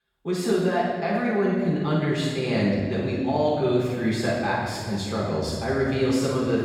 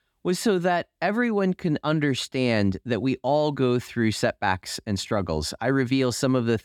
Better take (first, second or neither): second